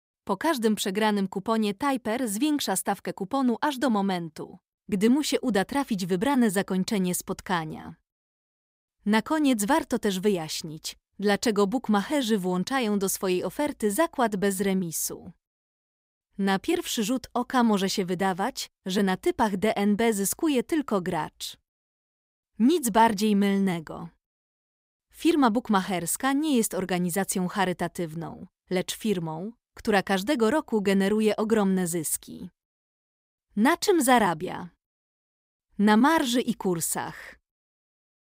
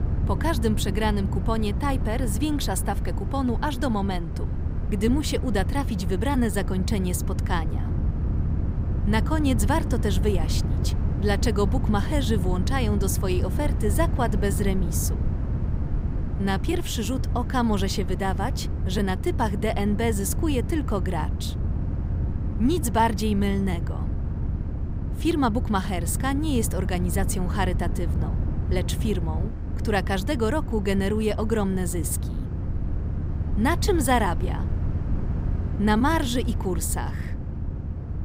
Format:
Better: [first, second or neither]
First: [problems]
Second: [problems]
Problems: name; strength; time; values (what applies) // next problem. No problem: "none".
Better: first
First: none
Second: low rumble; noticeable; throughout; 10 dB below the speech